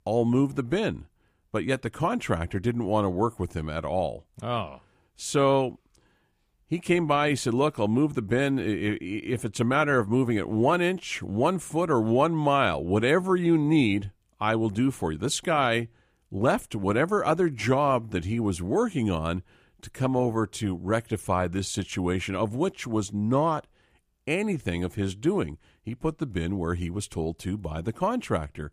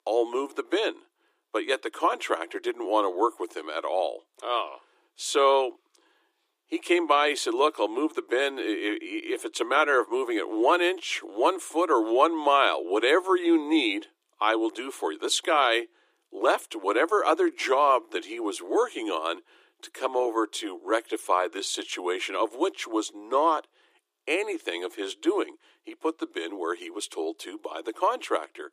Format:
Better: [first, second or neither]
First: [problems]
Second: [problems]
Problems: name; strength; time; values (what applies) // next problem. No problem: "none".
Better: first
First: none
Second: thin; very; fading below 300 Hz